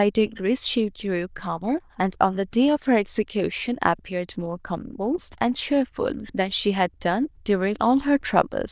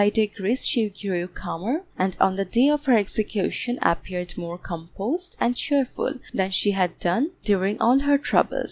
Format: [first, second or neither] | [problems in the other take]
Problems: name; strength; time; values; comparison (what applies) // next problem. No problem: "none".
second | noise reduction (neural diffusion model UNIVERSE++)